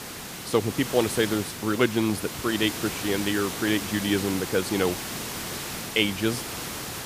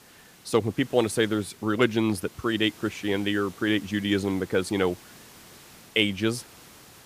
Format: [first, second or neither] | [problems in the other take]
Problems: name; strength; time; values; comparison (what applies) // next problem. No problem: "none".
second | hiss; loud; throughout; 6 dB below the speech; faint in the second